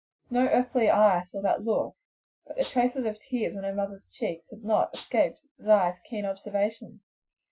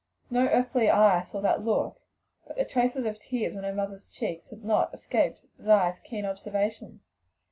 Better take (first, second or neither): second